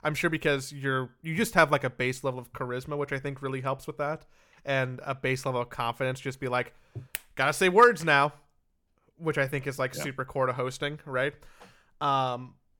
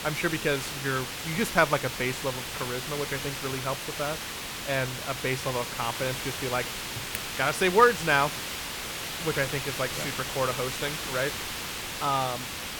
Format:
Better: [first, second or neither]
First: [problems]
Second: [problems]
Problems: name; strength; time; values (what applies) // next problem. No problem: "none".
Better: first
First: none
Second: hiss; loud; throughout; 4 dB below the speech